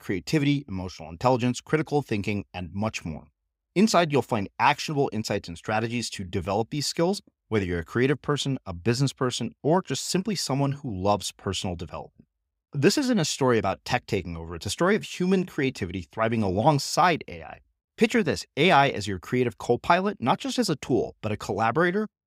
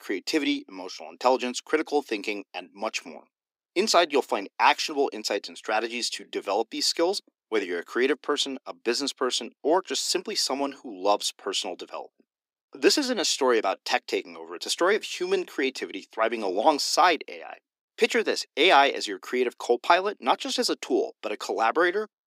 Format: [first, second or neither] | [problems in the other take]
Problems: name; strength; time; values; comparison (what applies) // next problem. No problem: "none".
first | thin; somewhat; fading below 300 Hz